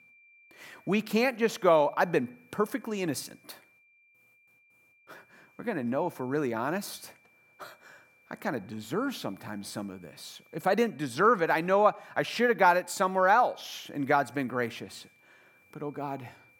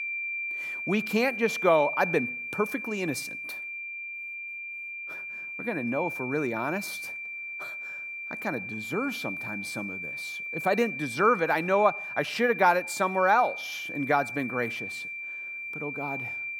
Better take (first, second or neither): first